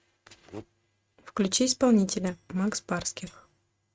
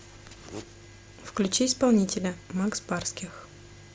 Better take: second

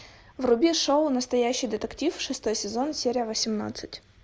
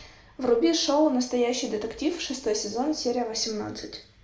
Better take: first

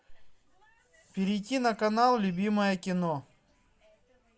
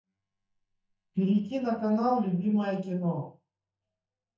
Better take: first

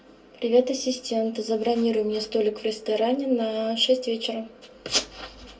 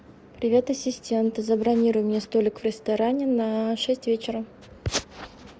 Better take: second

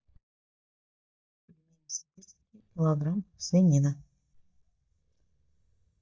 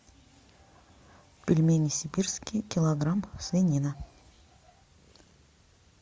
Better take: second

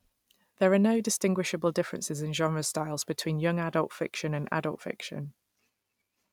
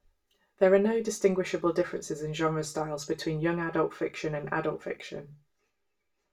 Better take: first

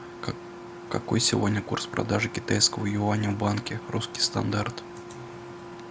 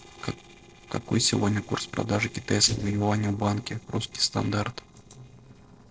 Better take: first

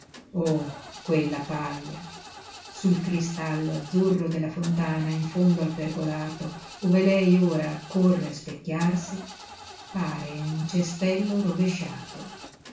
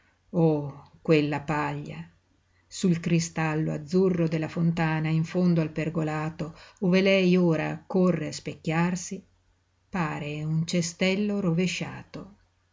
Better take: second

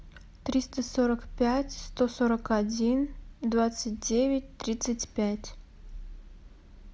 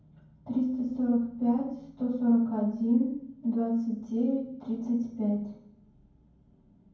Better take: first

